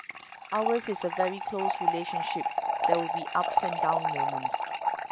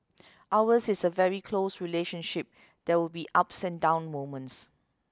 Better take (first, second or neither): second